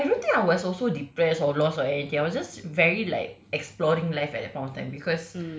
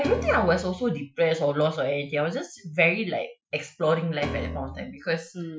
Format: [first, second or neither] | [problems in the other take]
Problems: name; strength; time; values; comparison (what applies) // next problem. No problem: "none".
first | noise reduction (classical method Wiener filter)